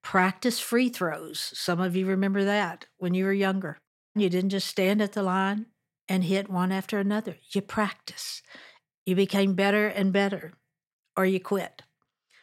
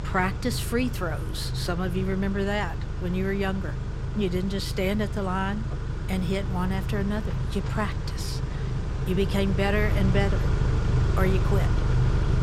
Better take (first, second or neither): first